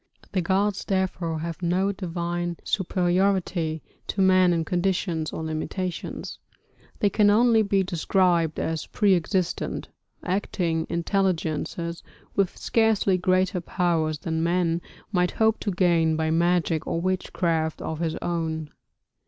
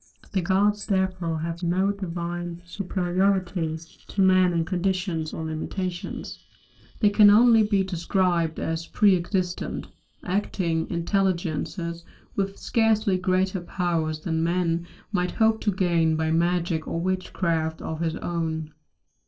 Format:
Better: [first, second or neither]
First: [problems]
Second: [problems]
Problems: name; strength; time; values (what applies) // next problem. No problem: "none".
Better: first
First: none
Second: noise reduction (neural separator model SepFormer DNS4)